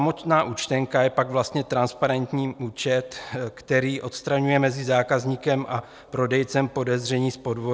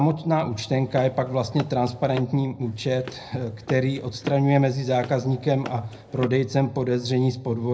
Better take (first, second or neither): first